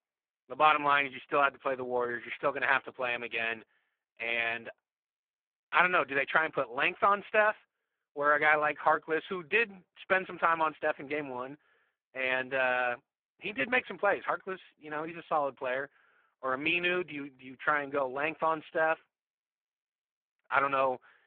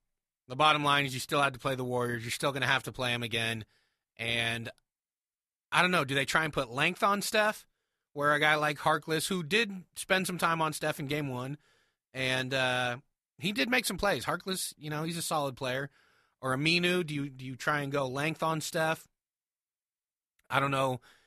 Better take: second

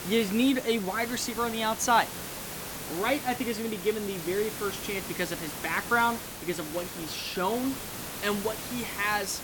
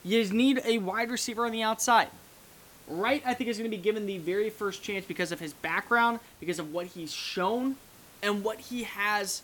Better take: second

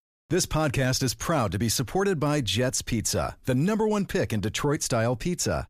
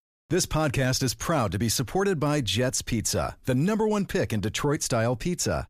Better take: neither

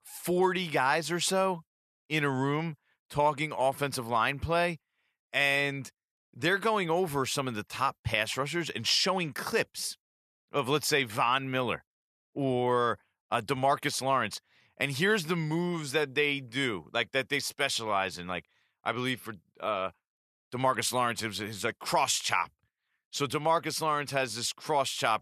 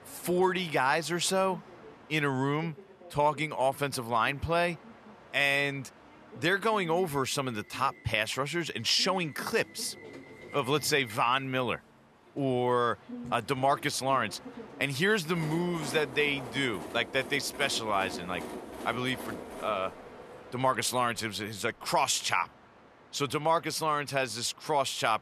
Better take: first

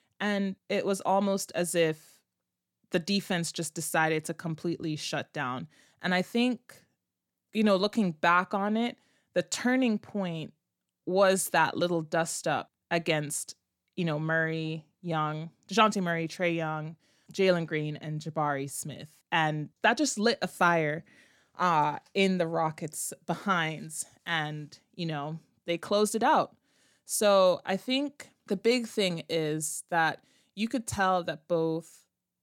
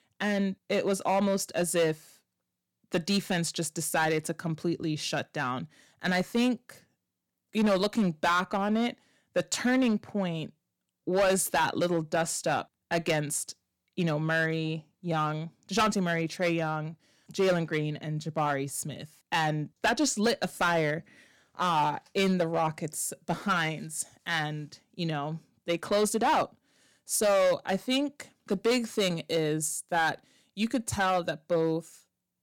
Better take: first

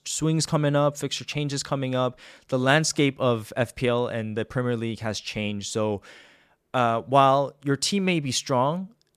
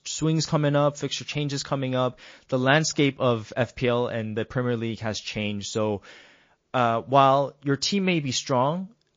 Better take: first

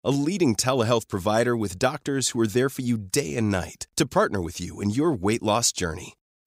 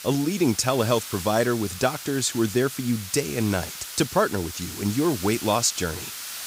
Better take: first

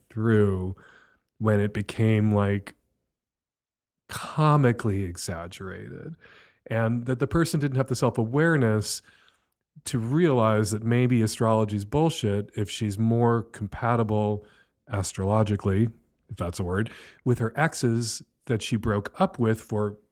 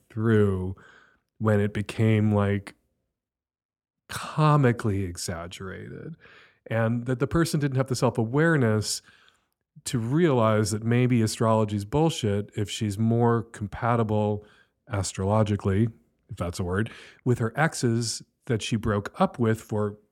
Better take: second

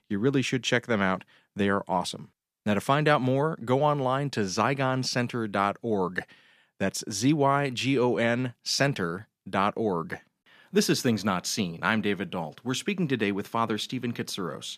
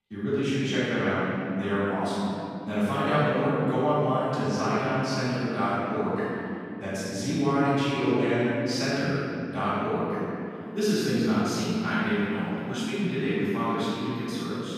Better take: first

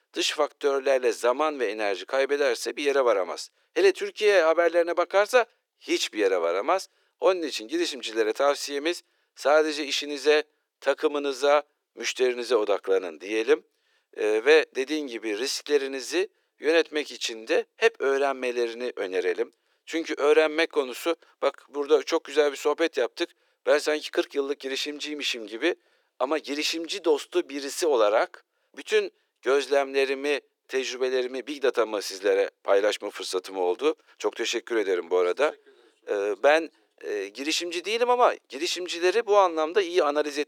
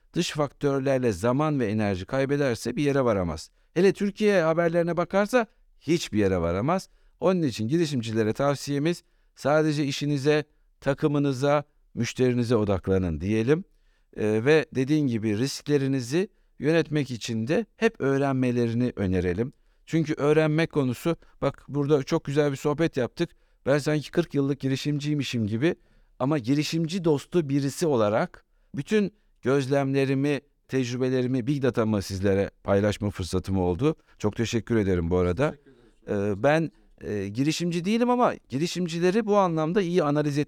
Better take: second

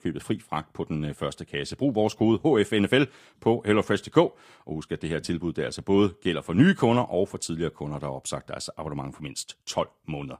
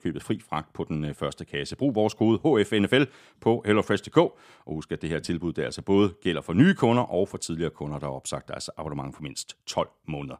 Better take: second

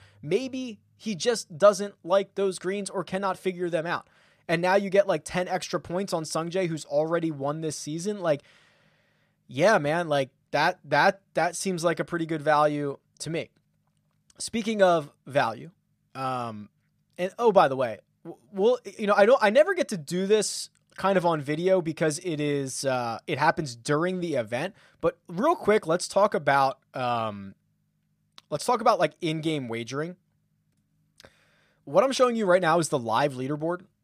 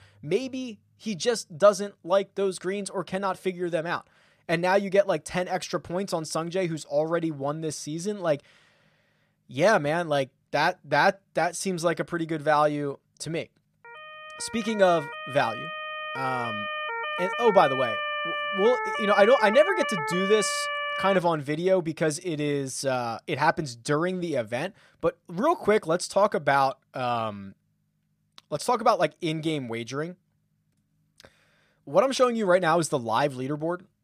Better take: first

